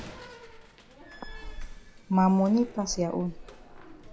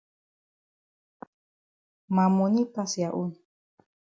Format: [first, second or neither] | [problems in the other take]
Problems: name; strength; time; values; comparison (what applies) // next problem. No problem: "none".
second | background sound (Slam); 13 dB below the speech